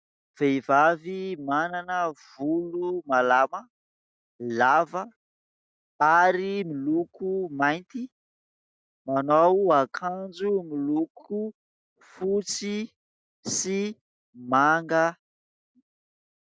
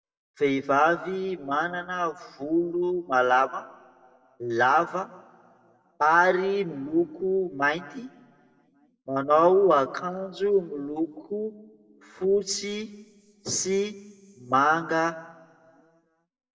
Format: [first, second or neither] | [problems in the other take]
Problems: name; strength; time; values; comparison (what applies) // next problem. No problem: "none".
first | room echo; dies away in 1.3 s